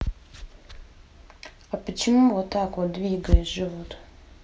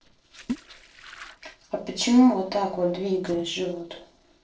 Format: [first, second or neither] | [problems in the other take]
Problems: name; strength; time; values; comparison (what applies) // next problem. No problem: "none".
first | noise reduction (neural separator model SepFormer DNS4)